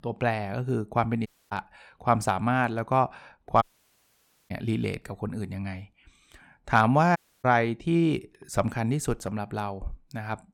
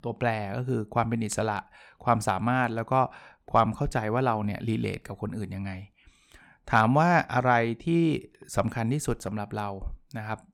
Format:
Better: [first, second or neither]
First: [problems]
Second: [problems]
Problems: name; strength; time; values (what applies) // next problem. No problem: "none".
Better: second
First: audio cutting out; at 1.5 s, at 3.5 s for 1 s and at 7 s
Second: none